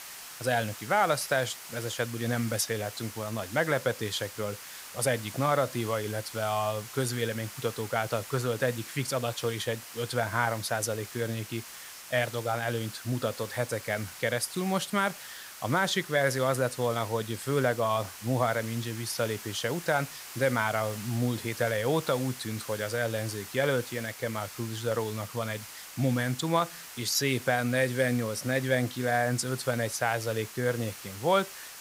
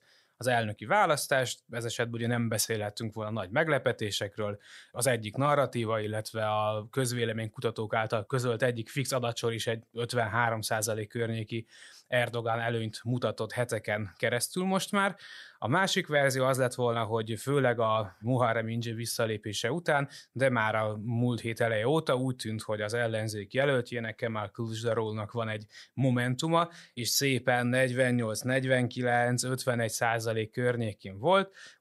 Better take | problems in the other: second | hiss; noticeable; throughout; 10 dB below the speech

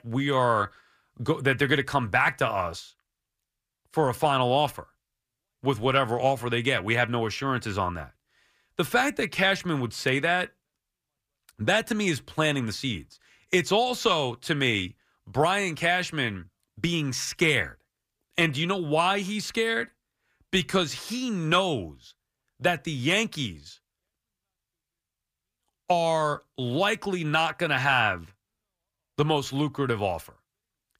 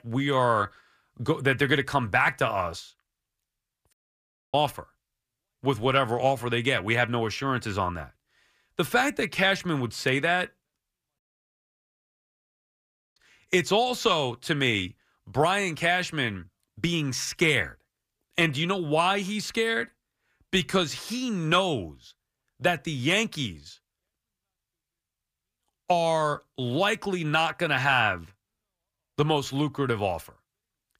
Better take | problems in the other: first | audio cutting out; at 4 s for 0.5 s and at 11 s for 2 s

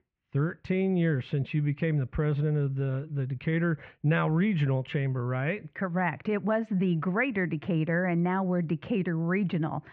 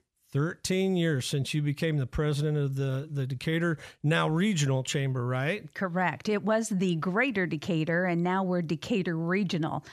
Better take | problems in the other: second | muffled; very; fading above 2.5 kHz

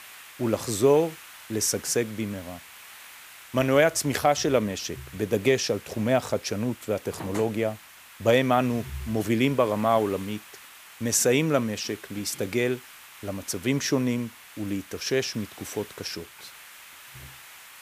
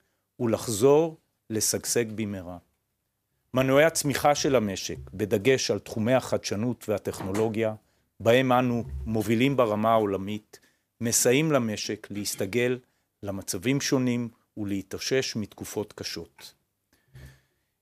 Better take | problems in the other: second | hiss; noticeable; throughout; 20 dB below the speech

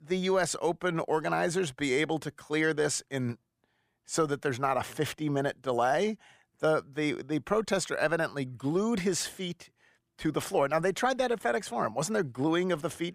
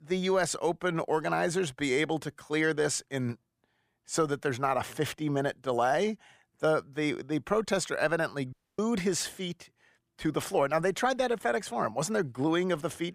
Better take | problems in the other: first | audio cutting out; at 8.5 s

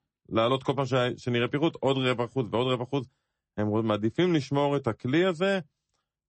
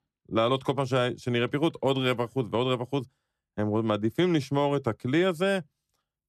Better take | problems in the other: second | garbled, watery; slightly; nothing above 8 kHz

